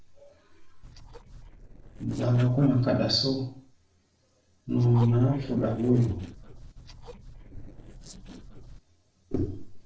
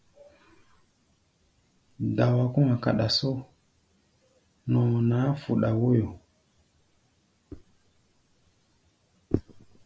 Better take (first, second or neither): second